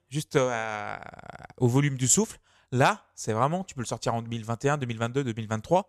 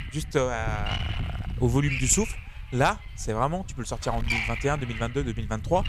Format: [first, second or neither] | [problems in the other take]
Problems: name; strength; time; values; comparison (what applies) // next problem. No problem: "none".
first | wind noise on the microphone; heavy; 4 dB below the speech